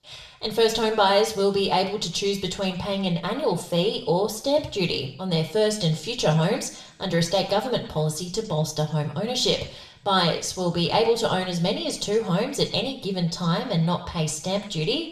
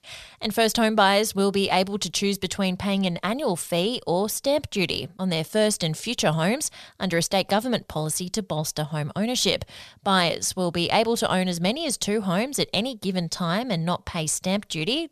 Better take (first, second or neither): second